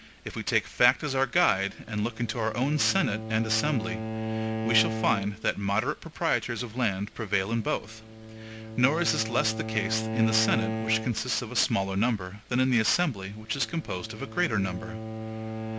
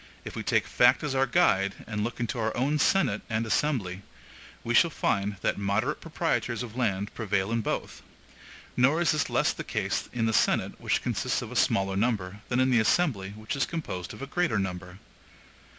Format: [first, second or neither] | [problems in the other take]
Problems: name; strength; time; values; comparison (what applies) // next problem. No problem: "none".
second | background sound (Bowed string instrument); 7 dB below the speech